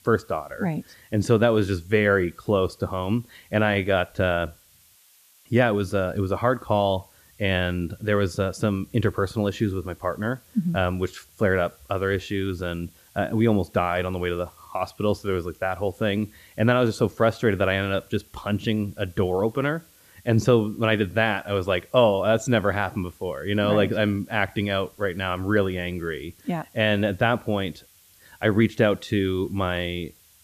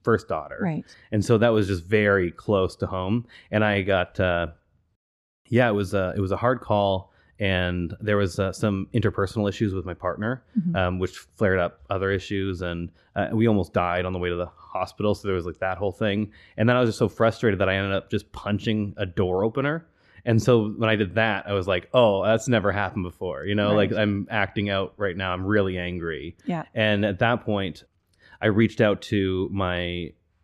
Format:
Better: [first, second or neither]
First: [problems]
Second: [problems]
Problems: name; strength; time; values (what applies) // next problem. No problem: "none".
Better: second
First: hiss; faint; throughout; 30 dB below the speech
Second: none